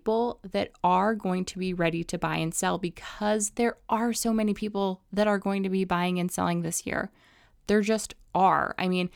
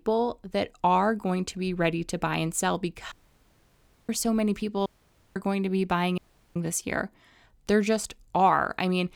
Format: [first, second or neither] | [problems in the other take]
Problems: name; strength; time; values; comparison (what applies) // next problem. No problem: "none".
first | audio cutting out; at 3 s for 1 s, at 5 s for 0.5 s and at 6 s